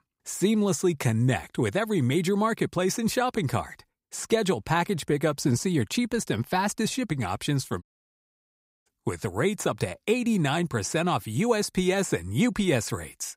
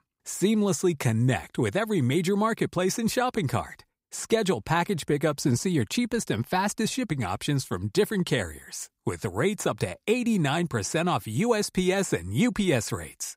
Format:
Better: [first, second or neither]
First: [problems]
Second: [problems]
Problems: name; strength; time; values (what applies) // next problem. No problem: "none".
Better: second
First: audio cutting out; at 8 s for 1 s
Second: none